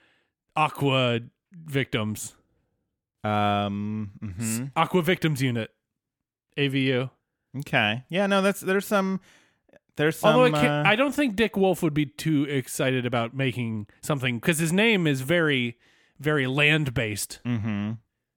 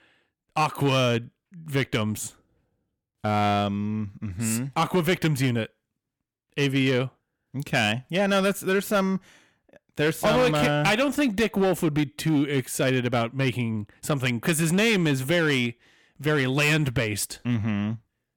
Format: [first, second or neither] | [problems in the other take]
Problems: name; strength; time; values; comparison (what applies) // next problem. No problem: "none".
first | distortion; slight; 6% of the sound clipped